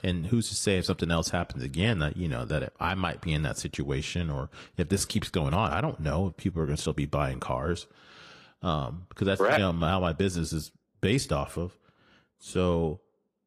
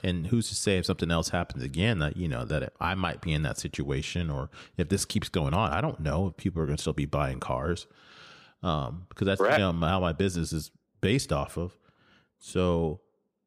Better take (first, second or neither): second